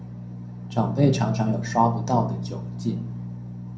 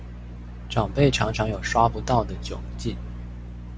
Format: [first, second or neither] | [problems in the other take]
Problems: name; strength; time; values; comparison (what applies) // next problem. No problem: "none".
second | room echo; dies away in 0.6 s